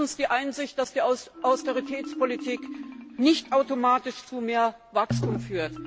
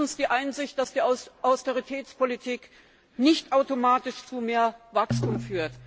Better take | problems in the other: second | background sound (Marimba, xylophone); 15 dB below the speech

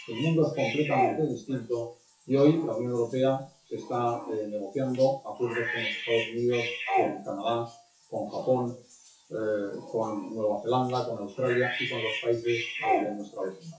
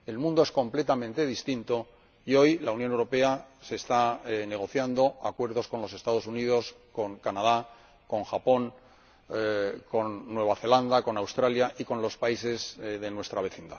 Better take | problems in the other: second | noise reduction (classical method WPE with log-MMSE)

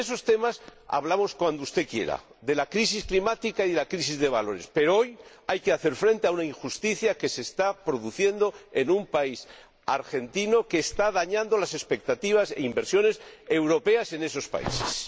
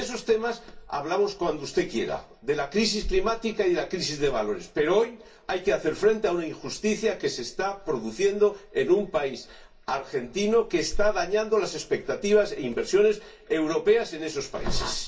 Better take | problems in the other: first | room echo; dies away in 0.2 s

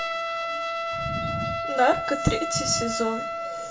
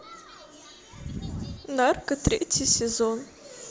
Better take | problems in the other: second | background sound (Trumpet); 1 dB below the speech // room echo; dies away in 0.2 s

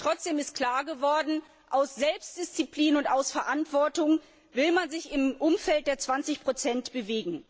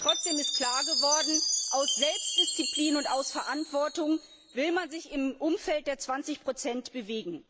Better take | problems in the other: first | background sound (Chime); 1 dB below the speech

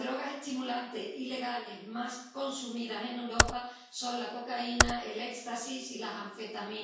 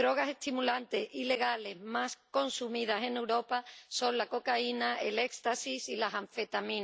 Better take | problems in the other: second | background sound (Computer keyboard); 4 dB above the speech // room echo; dies away in 0.6 s

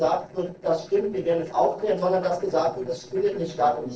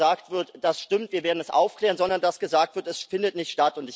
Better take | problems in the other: second | noise reduction (neural separator model SepFormer DNS4)

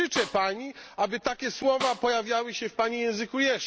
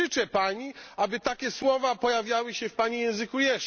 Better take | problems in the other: second | background sound (Snare drum); 11 dB below the speech

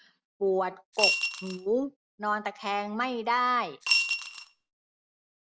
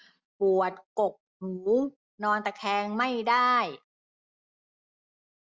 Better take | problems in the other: second | background sound (Coin (dropping) / Glass); 2 dB above the speech

